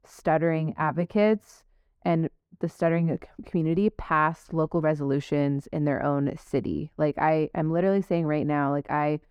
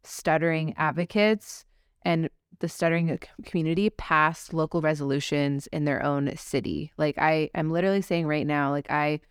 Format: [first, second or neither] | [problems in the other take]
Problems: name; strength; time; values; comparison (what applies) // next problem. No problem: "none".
second | muffled; slightly; fading above 2 kHz